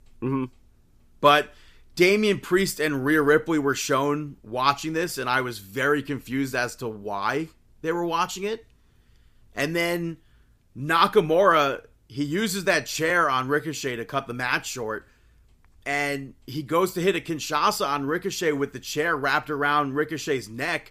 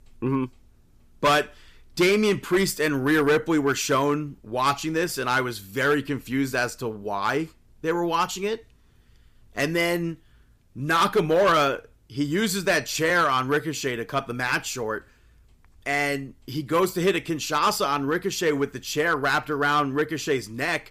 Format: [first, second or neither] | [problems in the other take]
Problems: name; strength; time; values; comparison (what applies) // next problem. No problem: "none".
first | distortion; slight; 3% of the sound clipped